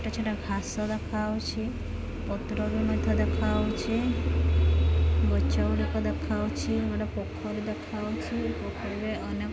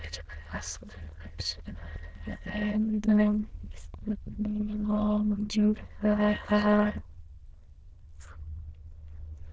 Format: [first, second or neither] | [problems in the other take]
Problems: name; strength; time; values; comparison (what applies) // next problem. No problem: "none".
first | noise reduction (neural diffusion model UNIVERSE++)